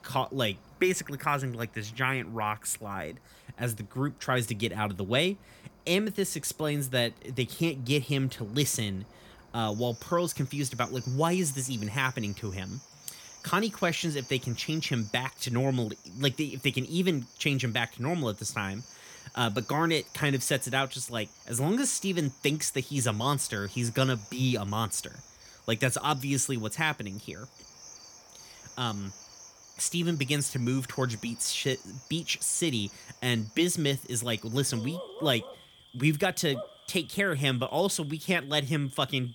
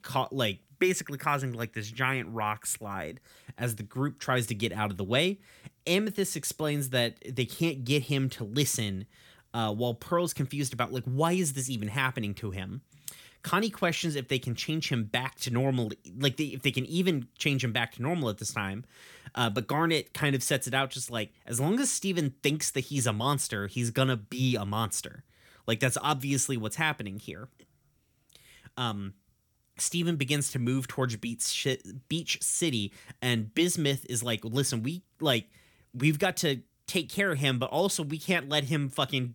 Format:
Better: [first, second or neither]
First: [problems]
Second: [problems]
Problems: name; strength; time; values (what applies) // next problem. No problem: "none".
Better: second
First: animal sounds; noticeable; throughout; 20 dB below the speech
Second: none